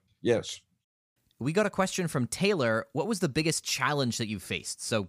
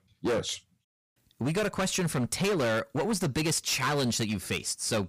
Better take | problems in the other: first | distortion; heavy; 17% of the sound clipped

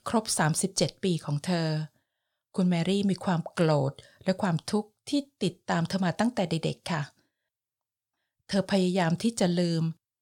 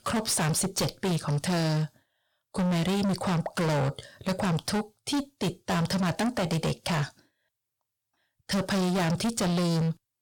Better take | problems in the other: first | distortion; heavy; 28% of the sound clipped

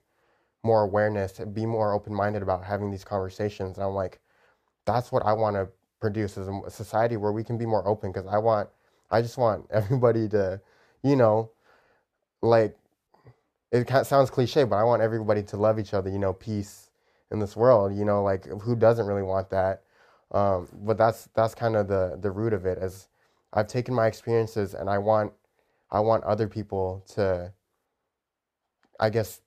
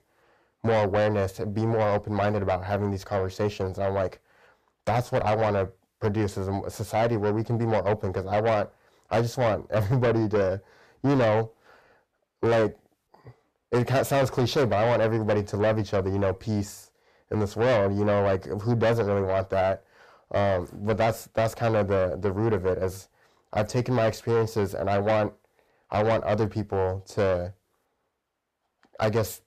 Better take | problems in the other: first | distortion; heavy; 6 dB below the speech

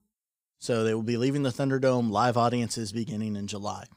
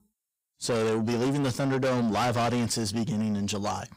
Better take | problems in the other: first | distortion; heavy; 6 dB below the speech

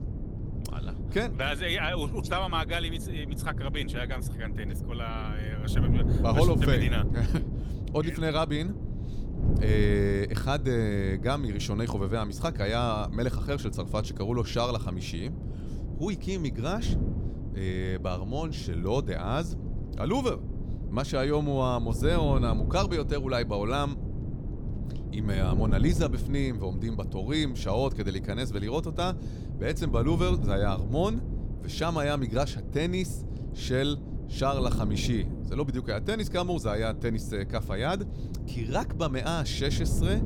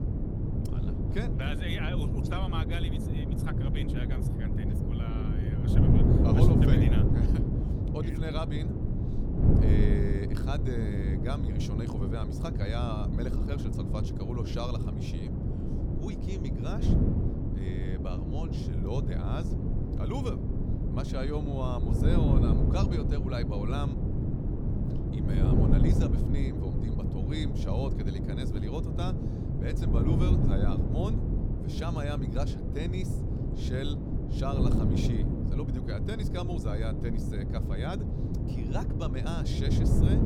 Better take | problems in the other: first | wind noise on the microphone; heavy; 1 dB above the speech; occasional gusts in the first

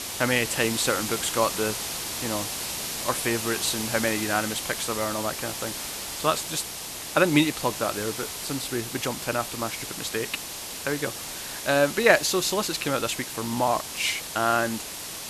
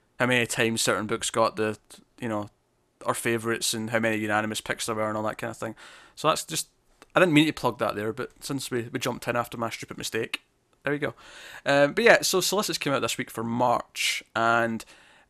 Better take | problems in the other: second | hiss; loud; throughout; 5 dB below the speech

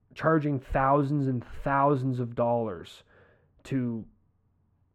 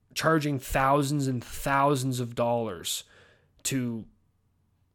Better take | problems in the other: second | muffled; very; fading above 3 kHz

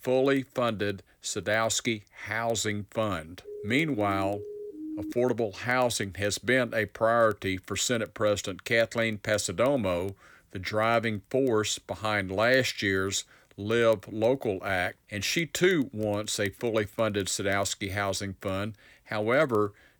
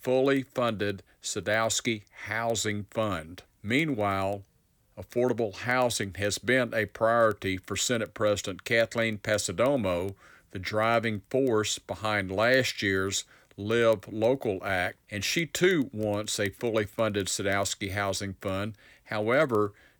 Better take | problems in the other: second | siren; noticeable; from 3.5 to 5 s; peak 9 dB below the speech

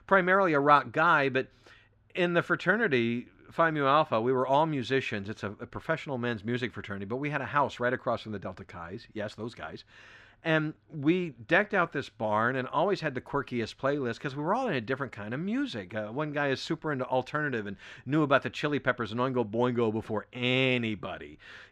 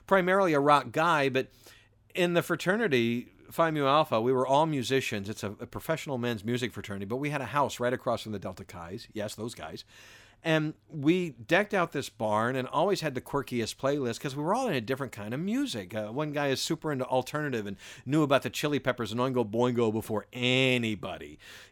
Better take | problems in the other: second | muffled; slightly; fading above 3.5 kHz

